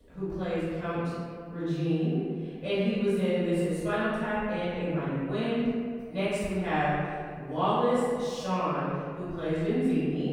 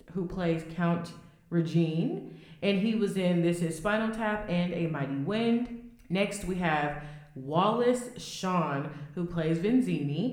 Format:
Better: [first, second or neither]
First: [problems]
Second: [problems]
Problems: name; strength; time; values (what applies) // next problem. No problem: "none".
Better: second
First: room echo; strong; dies away in 1.9 s // off-mic speech; far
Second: room echo; slight; dies away in 0.7 s